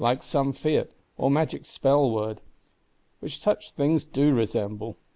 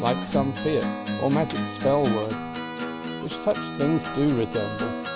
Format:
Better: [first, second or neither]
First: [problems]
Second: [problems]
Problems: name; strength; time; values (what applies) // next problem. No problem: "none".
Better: first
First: none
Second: background sound (Acoustic guitar); 4 dB below the speech